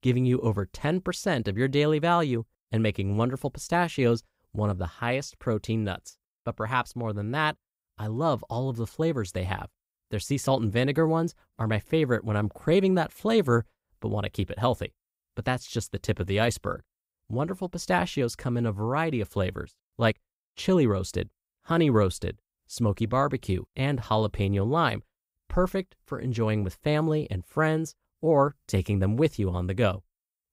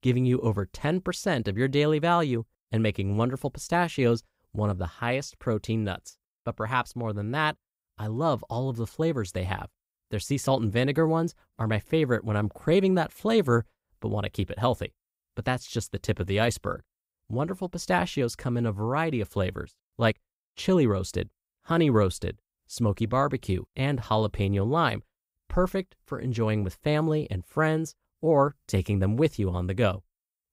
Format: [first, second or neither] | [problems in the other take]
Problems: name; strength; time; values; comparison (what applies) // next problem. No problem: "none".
neither | none